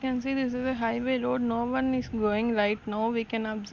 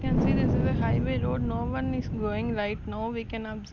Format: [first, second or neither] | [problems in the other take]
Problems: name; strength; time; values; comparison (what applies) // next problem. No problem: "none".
first | background sound (Wind); 3 dB above the speech